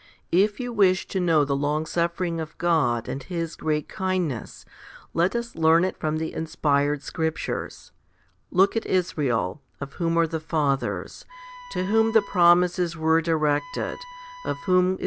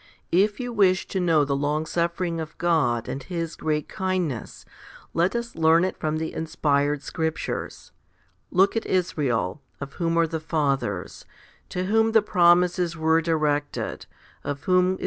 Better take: second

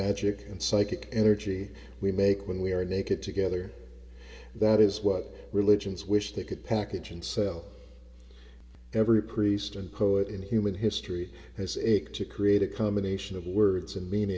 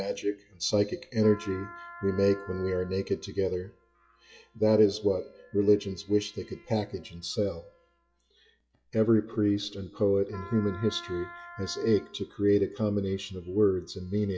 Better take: first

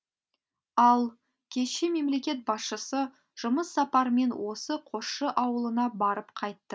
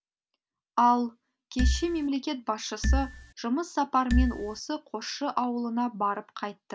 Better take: first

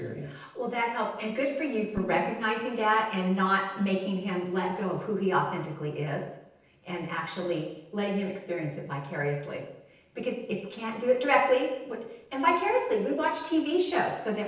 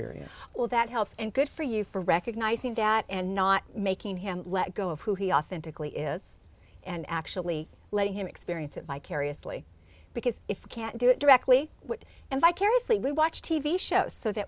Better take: second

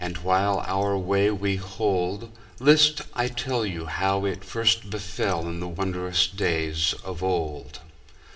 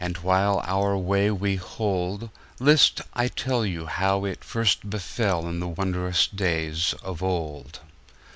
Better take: second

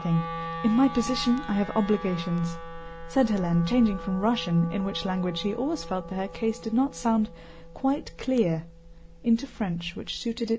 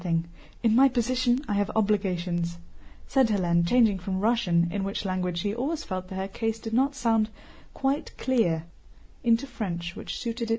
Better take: second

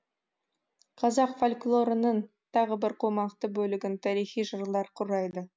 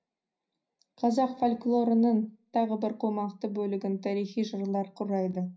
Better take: first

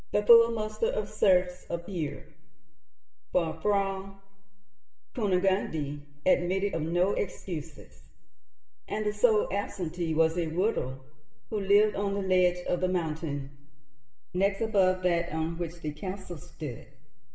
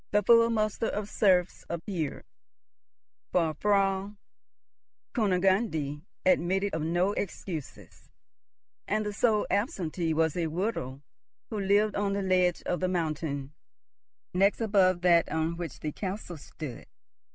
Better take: second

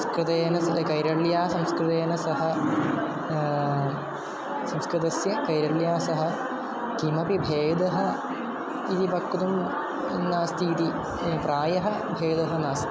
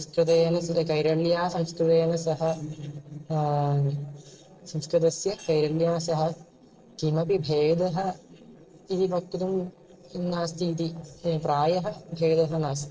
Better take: first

